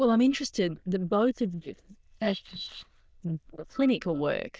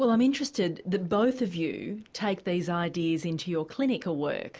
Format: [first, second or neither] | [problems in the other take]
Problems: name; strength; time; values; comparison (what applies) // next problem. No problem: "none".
second | noise reduction (neural diffusion model UNIVERSE++)